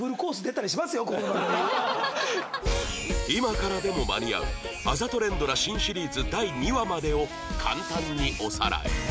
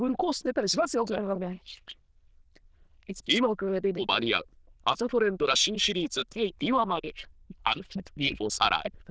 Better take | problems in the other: first | noise reduction (neural diffusion model UNIVERSE++)

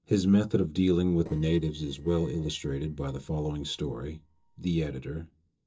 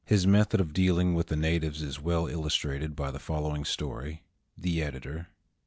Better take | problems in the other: second | noise reduction (neural separator model SepFormer DNS4)

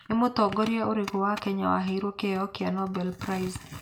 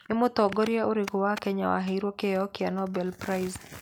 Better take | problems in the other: second | room echo; dies away in 0.3 s

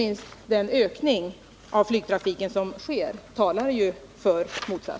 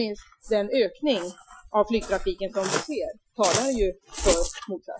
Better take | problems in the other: first | noise reduction (classical method Wiener filter)

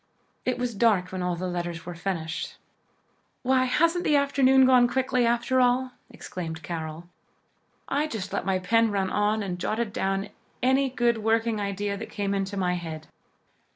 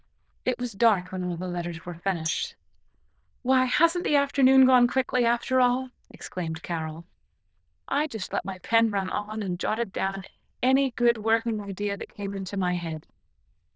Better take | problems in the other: first | noise reduction (neural diffusion model UNIVERSE++)

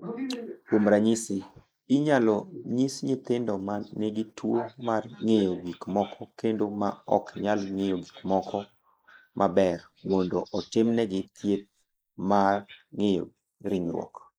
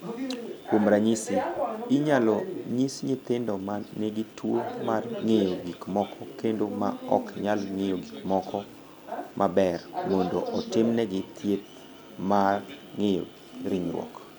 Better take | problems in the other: second | noise reduction (neural mask model Resemble Enhance denoiser)

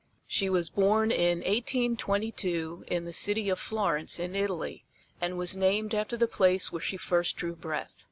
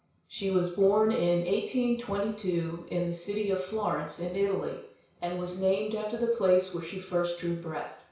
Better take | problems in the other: first | room echo; dies away in 0.6 s

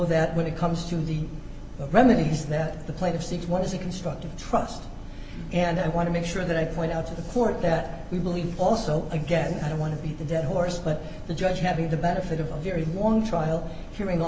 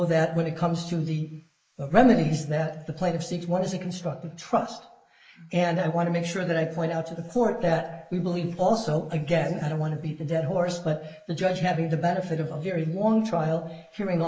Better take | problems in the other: first | noise reduction (neural mask model Resemble Enhance denoiser)

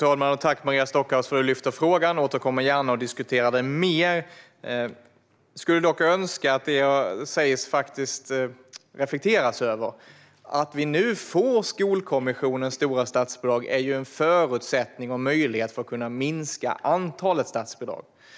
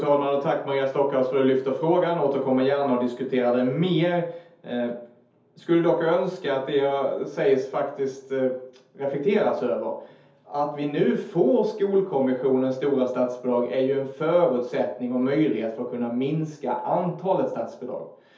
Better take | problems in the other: first | room echo; dies away in 0.5 s

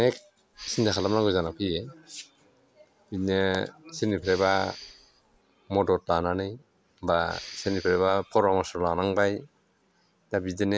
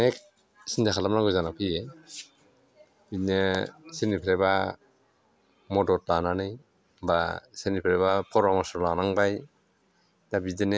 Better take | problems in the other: second | background sound (Respiratory sounds); 16 dB below the speech

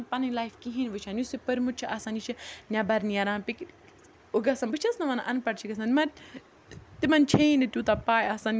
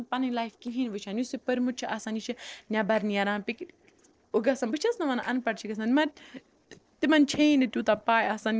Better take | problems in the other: first | noise reduction (neural separator model SepFormer DNS4)

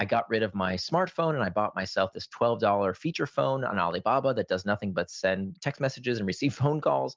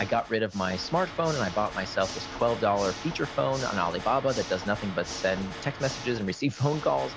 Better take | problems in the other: first | background sound (Water / Mechanisms); 11 dB below the speech

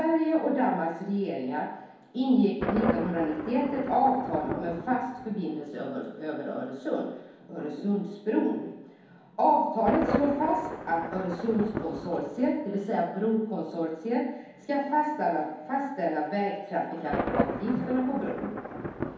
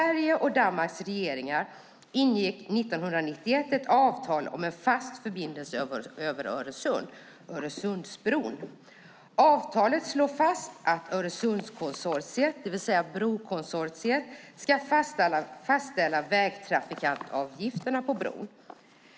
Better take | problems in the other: second | background sound (Thunder); 9 dB below the speech // room echo; dies away in 2.2 s

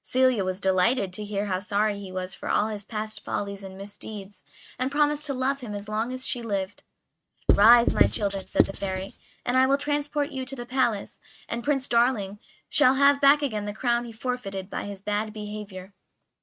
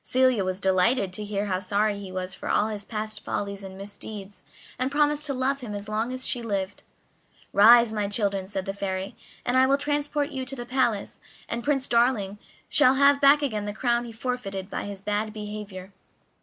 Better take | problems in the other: second | noise reduction (neural mask model RNNoise)

